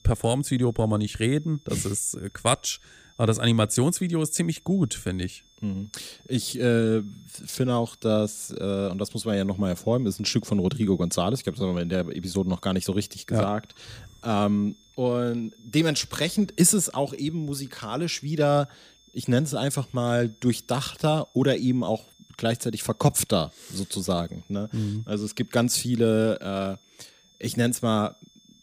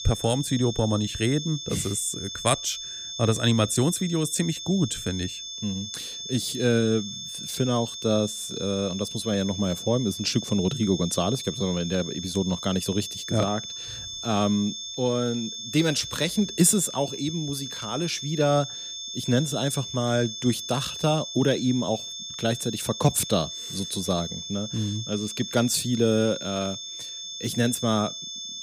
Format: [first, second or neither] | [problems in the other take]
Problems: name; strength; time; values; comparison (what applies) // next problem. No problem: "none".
first | high-pitched whine; loud; throughout; 3.5 kHz, 7 dB below the speech; faint in the first